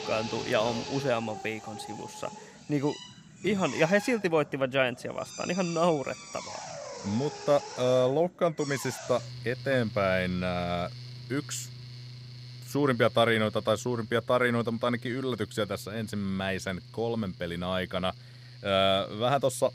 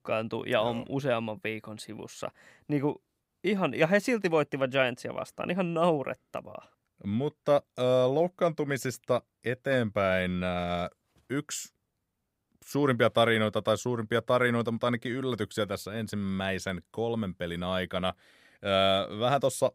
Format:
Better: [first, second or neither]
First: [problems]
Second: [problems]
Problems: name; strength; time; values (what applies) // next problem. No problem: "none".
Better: second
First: machinery noise; noticeable; throughout; 15 dB below the speech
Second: none